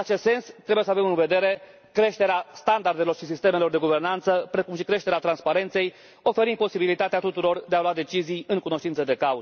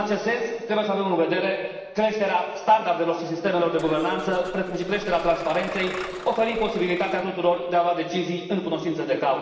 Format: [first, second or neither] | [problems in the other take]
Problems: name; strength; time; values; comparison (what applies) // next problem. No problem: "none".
first | background sound (Engine starting / Bus); 15 dB below the speech // room echo; dies away in 1.3 s